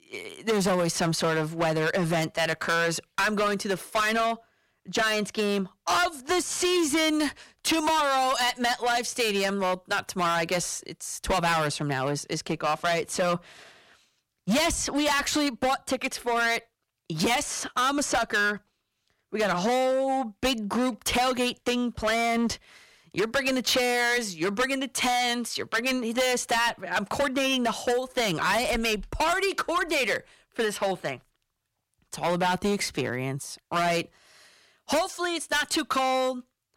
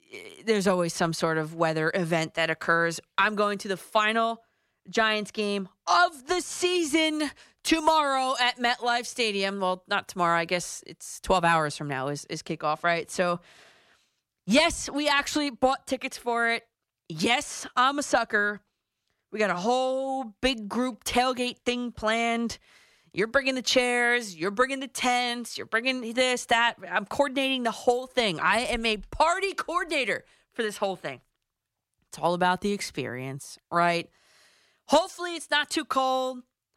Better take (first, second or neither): second